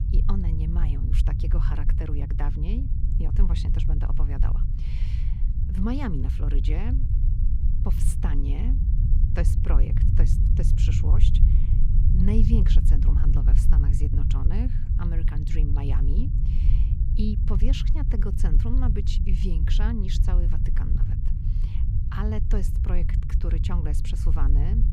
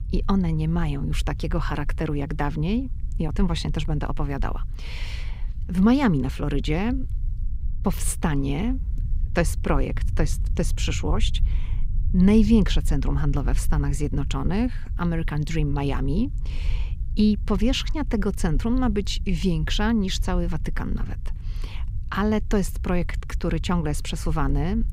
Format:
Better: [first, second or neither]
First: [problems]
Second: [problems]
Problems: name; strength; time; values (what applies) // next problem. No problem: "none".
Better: second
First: low rumble; loud; throughout; 3 dB below the speech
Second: low rumble; faint; throughout; 20 dB below the speech